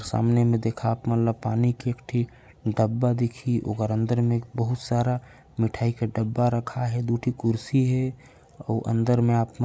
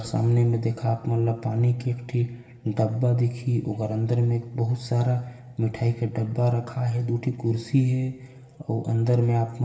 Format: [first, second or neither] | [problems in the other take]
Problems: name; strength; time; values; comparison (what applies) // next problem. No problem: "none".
first | room echo; dies away in 1.1 s